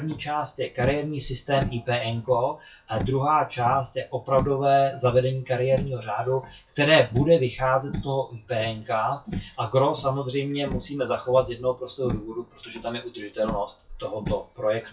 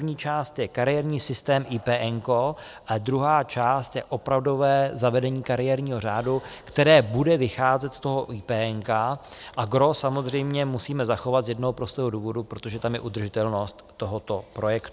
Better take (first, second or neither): second